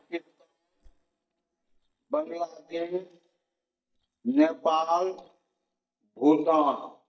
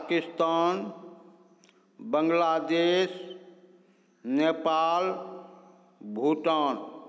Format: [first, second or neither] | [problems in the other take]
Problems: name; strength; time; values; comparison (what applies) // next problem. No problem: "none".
second | noise reduction (neural mask model DeepFilterNet 3)